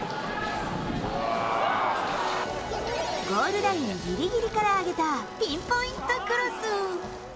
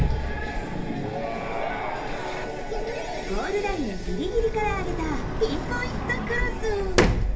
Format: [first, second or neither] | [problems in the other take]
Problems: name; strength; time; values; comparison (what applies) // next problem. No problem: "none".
first | background sound (Sliding door); 1 dB above the speech // room echo; dies away in 0.3 s